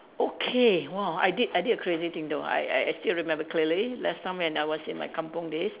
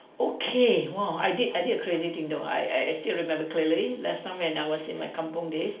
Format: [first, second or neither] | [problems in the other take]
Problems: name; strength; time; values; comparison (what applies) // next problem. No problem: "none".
first | room echo; dies away in 0.4 s